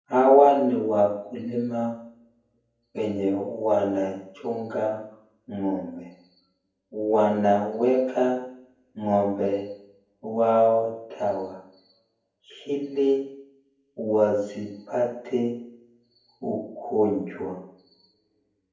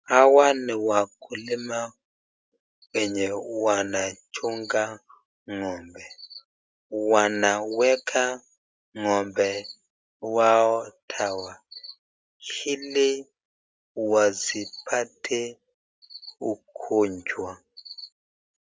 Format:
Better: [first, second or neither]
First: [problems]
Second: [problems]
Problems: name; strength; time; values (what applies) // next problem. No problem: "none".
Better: second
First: room echo; dies away in 0.9 s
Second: none